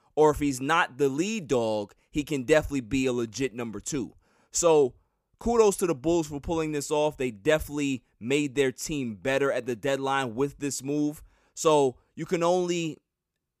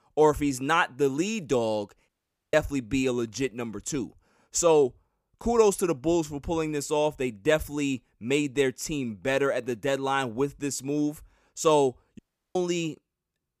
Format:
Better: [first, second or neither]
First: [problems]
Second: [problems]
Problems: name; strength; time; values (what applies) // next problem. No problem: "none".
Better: first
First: none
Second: audio cutting out; at 2 s and at 12 s